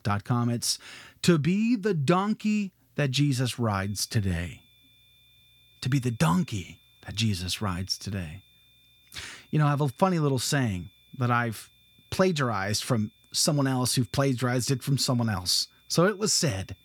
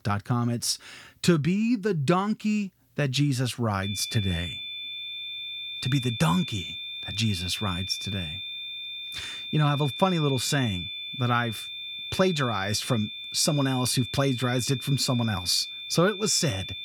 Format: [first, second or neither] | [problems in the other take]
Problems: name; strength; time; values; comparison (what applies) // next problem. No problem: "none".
first | high-pitched whine; loud; from 4 s on; 3.5 kHz, 7 dB below the speech; faint in the first